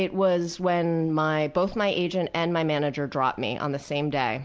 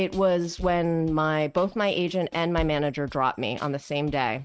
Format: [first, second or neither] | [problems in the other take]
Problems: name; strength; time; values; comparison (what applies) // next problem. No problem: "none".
first | noise reduction (neural mask model RNNoise)